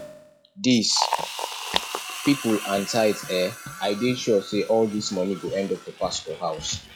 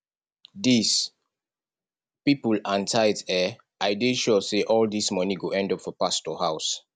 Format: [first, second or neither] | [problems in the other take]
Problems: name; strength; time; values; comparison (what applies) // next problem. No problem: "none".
second | noise reduction (classical method log-MMSE)